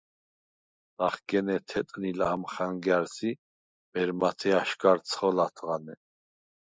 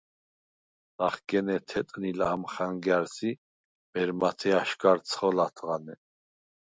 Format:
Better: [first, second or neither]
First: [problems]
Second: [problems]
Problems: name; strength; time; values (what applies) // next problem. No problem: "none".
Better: second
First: noise reduction (neural mask model Resemble Enhance denoiser)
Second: none